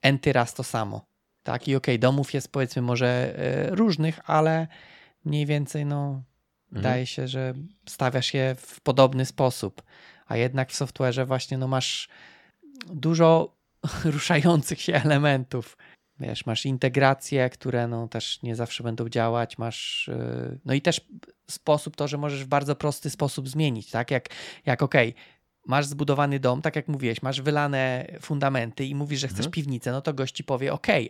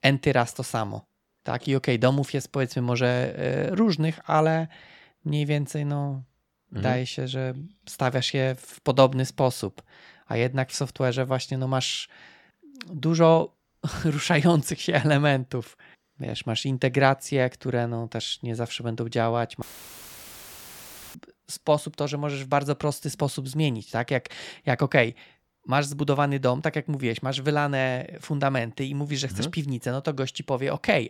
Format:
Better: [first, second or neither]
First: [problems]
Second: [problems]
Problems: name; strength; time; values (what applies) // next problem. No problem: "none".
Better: first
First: none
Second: audio cutting out; filled with static; at 20 s for 1.5 s